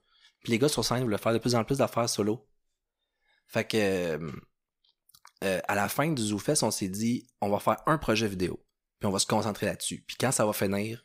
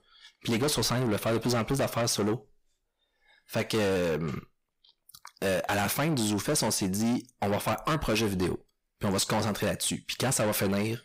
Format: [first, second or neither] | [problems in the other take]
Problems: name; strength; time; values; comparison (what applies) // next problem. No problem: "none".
first | distortion; heavy; 6 dB below the speech